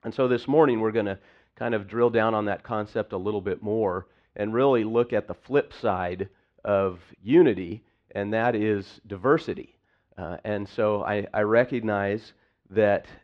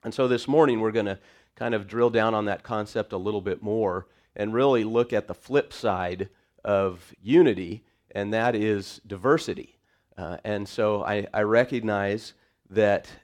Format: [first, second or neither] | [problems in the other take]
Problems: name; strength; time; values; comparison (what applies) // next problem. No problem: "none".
second | muffled; slightly; fading above 3 kHz